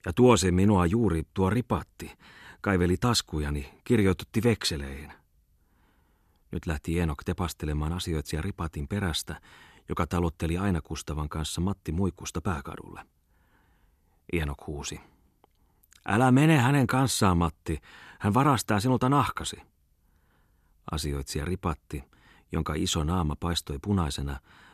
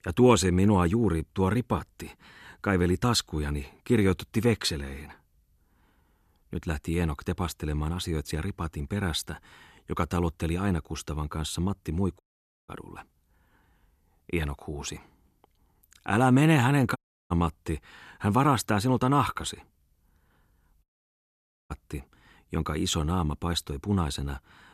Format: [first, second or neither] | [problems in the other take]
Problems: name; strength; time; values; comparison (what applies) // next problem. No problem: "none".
first | audio cutting out; at 12 s, at 17 s and at 21 s for 1 s